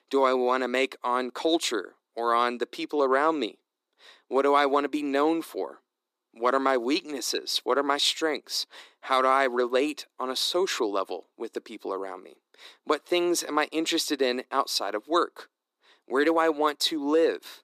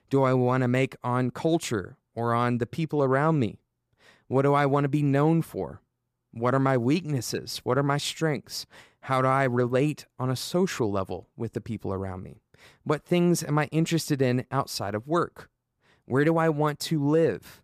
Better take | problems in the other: second | thin; somewhat; fading below 300 Hz

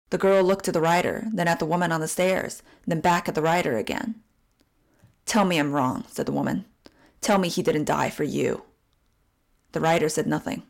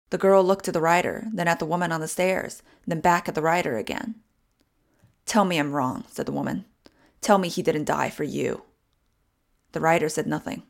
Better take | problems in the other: second | distortion; slight; 10 dB below the speech

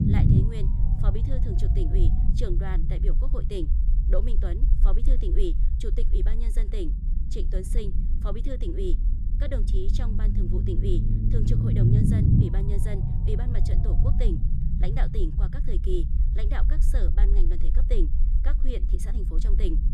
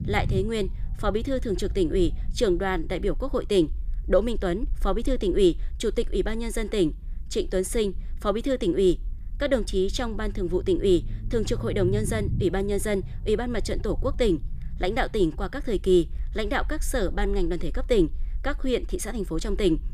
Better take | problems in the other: second | low rumble; loud; throughout; 1 dB below the speech; faint in the second

